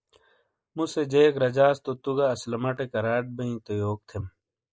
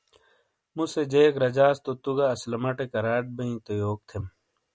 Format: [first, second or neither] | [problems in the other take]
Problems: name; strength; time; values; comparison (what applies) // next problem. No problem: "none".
second | noise reduction (neural mask model Resemble Enhance denoiser)